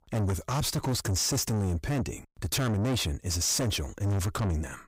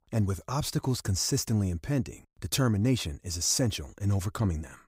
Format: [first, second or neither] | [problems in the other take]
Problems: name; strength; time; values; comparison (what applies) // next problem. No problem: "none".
second | distortion; heavy; 6 dB below the speech